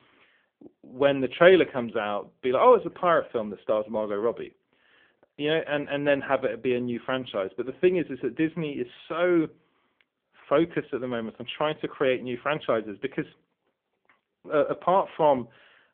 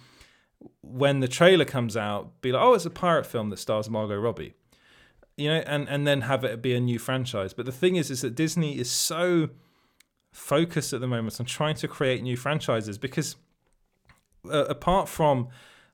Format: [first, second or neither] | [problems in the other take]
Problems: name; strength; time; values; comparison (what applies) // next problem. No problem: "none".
second | phone-call audio; poor line; nothing above 3.5 kHz